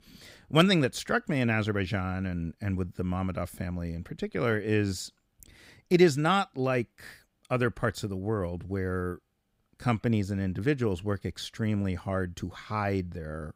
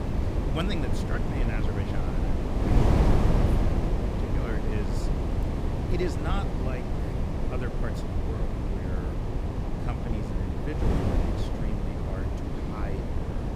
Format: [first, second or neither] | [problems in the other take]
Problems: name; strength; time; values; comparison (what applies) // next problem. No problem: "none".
first | wind noise on the microphone; heavy; 4 dB above the speech